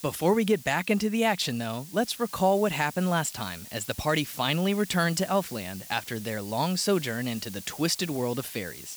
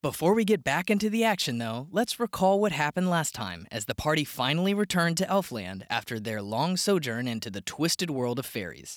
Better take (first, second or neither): second